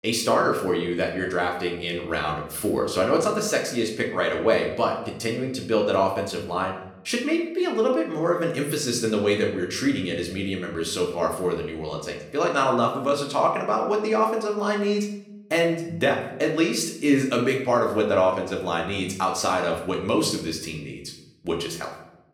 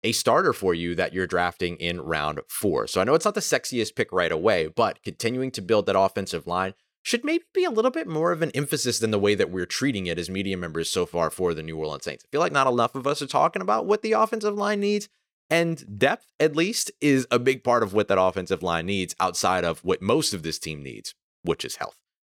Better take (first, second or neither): second